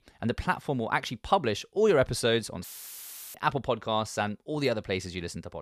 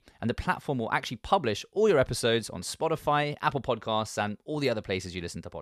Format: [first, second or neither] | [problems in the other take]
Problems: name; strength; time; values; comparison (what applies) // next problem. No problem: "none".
second | audio cutting out; filled with static; at 2.5 s for 0.5 s